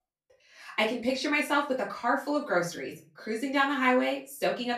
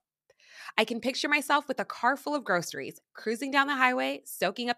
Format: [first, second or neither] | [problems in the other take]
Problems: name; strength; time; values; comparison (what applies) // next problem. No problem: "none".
second | room echo; slight; dies away in 0.3 s // off-mic speech; far